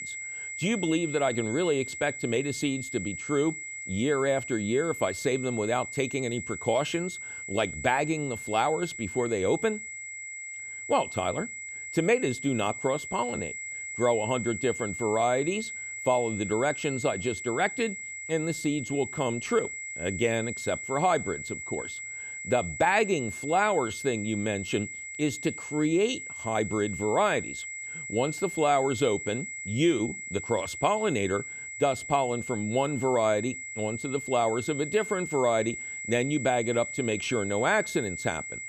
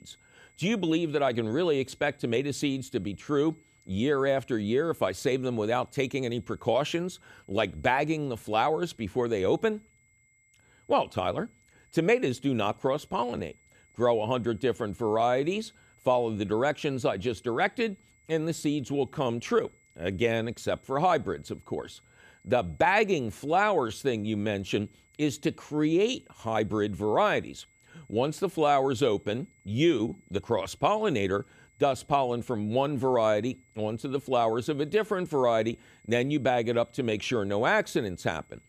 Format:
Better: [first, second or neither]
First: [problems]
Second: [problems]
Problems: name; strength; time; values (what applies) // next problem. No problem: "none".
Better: second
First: high-pitched whine; loud; throughout; 2 kHz, 7 dB below the speech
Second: high-pitched whine; faint; throughout; 2 kHz, 35 dB below the speech